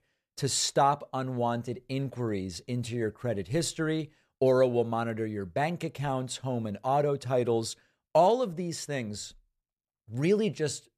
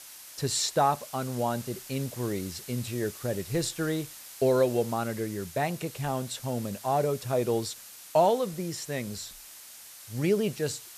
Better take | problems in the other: first | hiss; noticeable; throughout; 15 dB below the speech

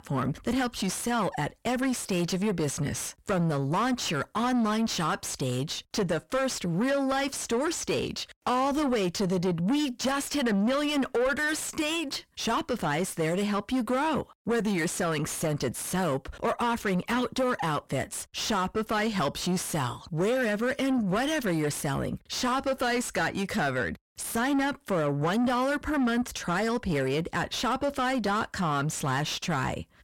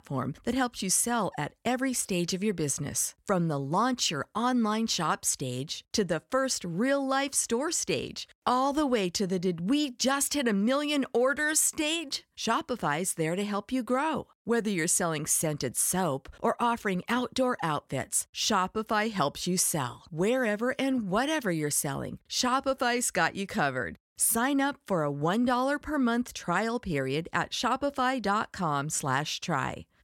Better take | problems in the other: second | distortion; heavy; 6 dB below the speech

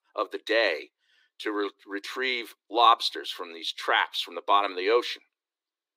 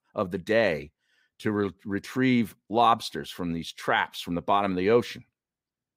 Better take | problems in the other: second | thin; very; fading below 300 Hz

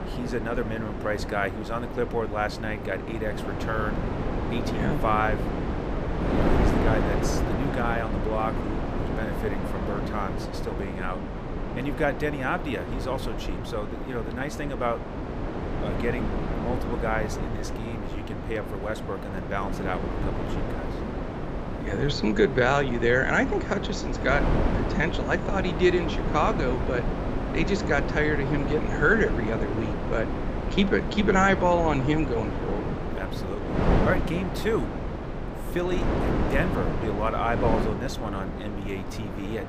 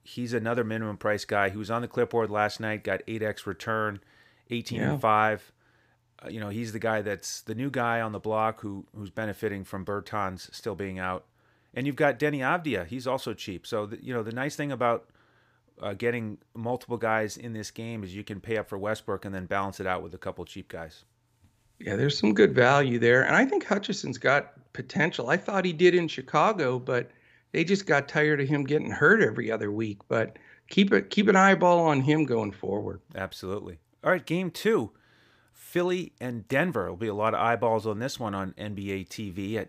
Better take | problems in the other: second | wind noise on the microphone; heavy; 5 dB below the speech

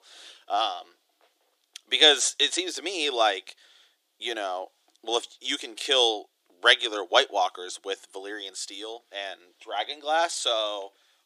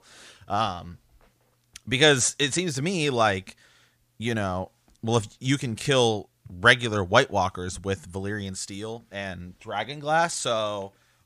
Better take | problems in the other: second | thin; very; fading below 300 Hz

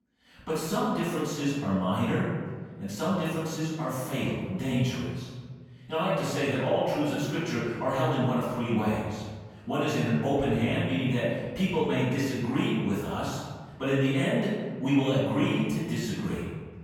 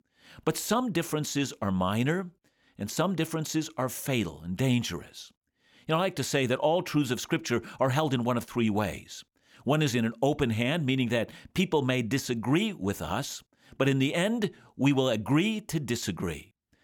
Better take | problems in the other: second | off-mic speech; far // room echo; strong; dies away in 1.5 s

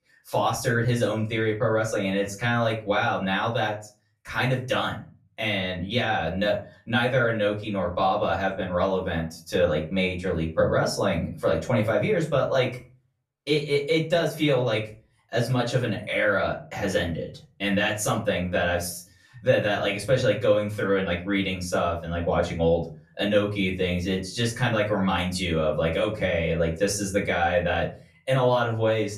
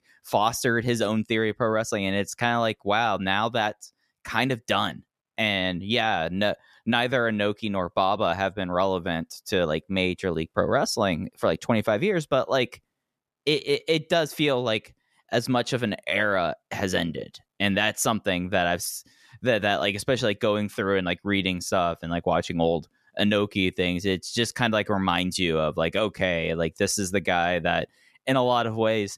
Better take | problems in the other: second | room echo; slight; dies away in 0.3 s // off-mic speech; far

